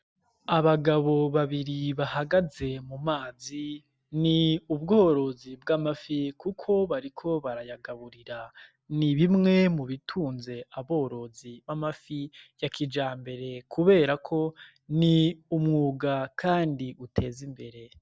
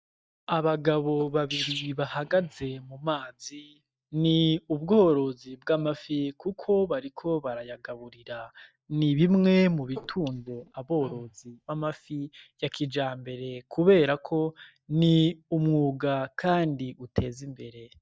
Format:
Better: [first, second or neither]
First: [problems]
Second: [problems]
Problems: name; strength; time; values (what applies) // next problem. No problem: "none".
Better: first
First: none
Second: noise reduction (neural mask model DeepFilterNet 3)